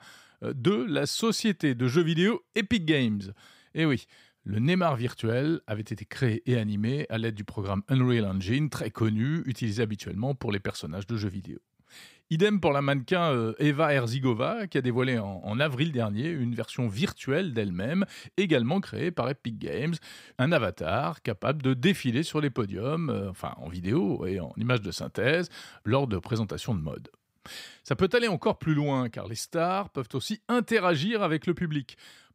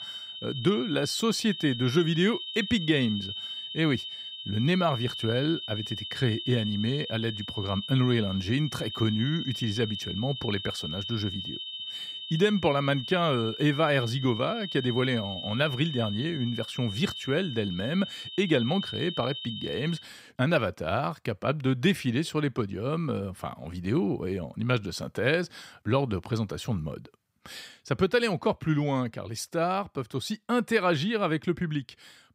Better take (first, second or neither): first